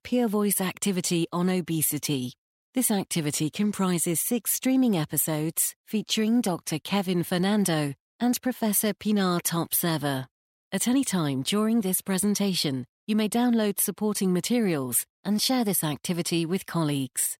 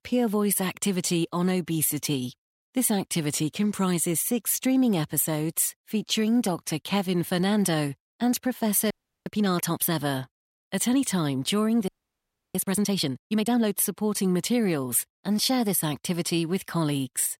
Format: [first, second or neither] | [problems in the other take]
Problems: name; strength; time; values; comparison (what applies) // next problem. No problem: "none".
first | audio freezing; at 9 s and at 12 s for 0.5 s